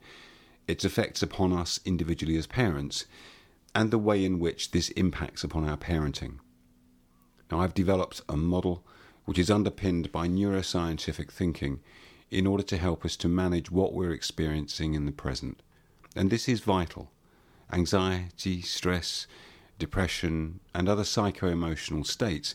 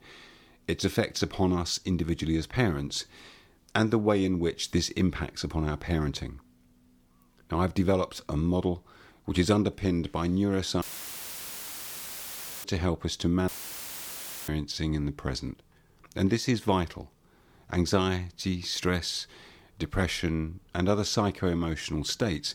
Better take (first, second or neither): first